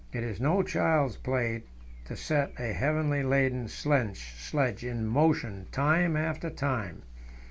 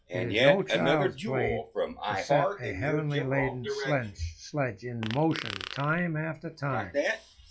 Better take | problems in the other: first | noise reduction (classical method log-MMSE)

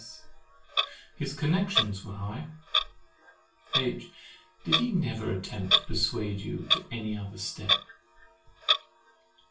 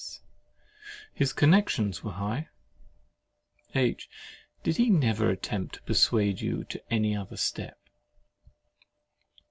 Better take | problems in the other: second | background sound (Clock); 1 dB above the speech // room echo; dies away in 0.3 s

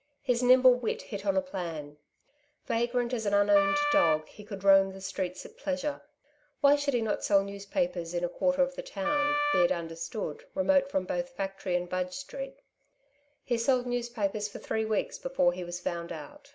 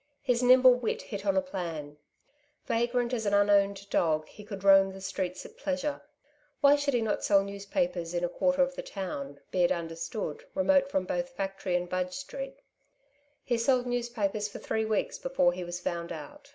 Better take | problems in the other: second | background sound (Wind instrument, woodwind instrument); 3 dB below the speech

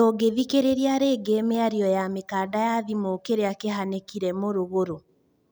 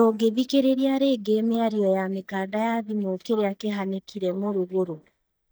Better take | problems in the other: first | noise reduction (neural mask model DeepFilterNet 3)

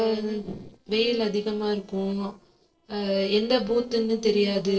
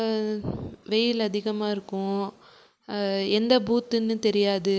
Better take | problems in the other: second | noise reduction (neural separator model SepFormer DNS4)

